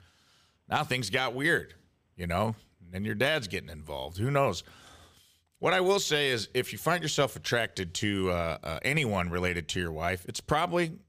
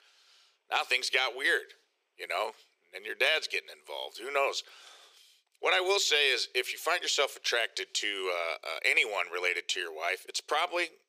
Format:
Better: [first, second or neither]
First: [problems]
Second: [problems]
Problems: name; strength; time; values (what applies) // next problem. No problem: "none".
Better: first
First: none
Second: thin; very; fading below 400 Hz